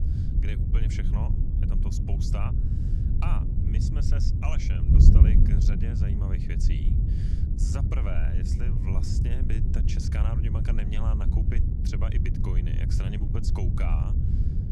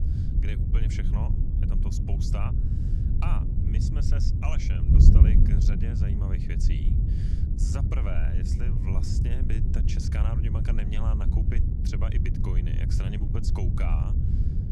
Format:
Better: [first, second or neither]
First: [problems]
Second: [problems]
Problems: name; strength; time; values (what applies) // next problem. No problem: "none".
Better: neither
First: wind noise on the microphone; heavy; 1 dB above the speech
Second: wind noise on the microphone; heavy; 1 dB above the speech